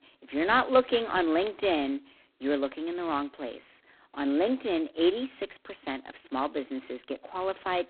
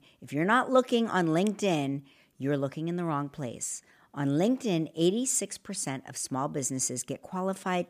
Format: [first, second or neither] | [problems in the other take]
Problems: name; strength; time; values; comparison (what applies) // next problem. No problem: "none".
second | phone-call audio; poor line; nothing above 4 kHz